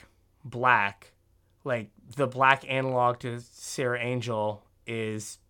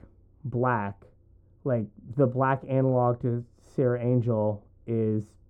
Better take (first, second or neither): first